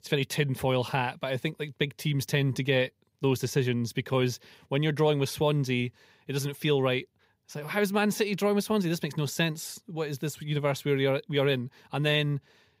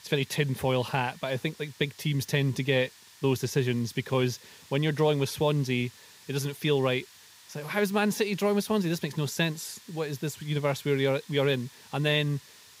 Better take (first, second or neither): first